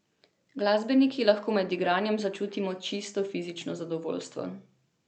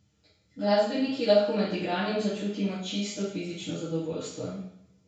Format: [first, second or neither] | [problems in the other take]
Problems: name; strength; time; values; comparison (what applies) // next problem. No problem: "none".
first | room echo; dies away in 0.6 s